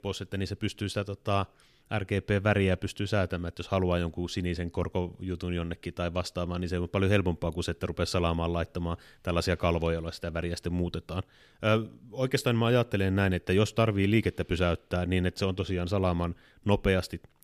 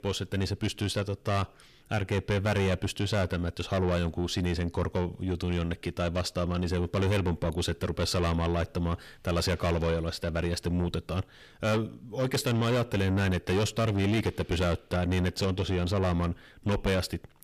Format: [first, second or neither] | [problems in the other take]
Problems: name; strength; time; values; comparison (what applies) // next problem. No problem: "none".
first | distortion; heavy; 8 dB below the speech